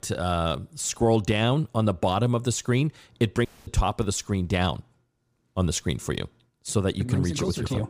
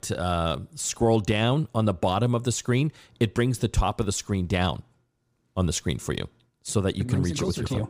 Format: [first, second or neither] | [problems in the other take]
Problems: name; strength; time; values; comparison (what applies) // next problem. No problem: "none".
second | audio cutting out; at 3.5 s